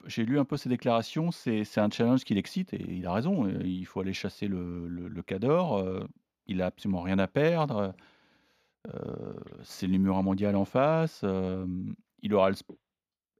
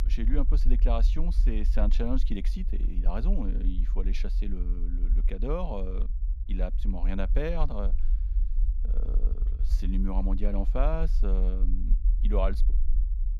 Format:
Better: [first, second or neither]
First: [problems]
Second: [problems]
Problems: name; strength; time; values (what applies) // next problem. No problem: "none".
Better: first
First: none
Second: low rumble; noticeable; throughout; 15 dB below the speech